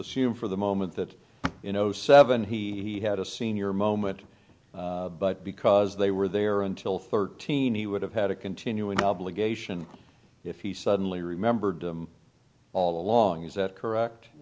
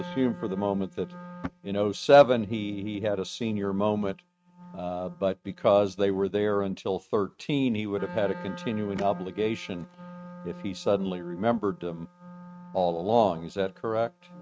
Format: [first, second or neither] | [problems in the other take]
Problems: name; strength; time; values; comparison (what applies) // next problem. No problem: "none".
first | noise reduction (neural mask model RNNoise)